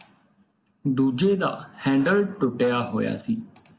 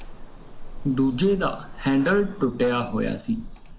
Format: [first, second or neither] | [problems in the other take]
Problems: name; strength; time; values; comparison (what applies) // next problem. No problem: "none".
first | background sound (Bird vocalization, bird call, bird song); 12 dB below the speech